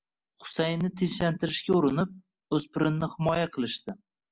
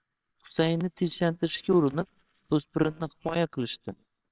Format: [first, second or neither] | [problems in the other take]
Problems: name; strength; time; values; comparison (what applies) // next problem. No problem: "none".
first | noise reduction (neural separator model SepFormer WHAMR!)